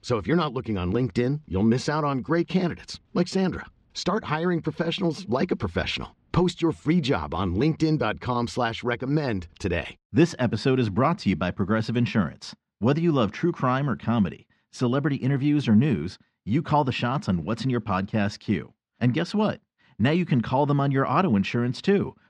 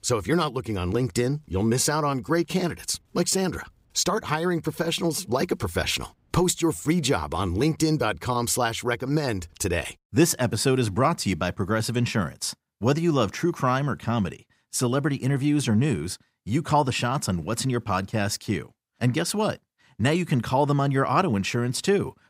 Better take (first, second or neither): second